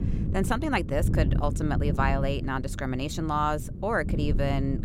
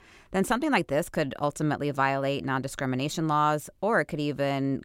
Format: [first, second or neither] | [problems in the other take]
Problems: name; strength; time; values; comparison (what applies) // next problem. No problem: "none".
second | wind noise on the microphone; occasional gusts; 10 dB below the speech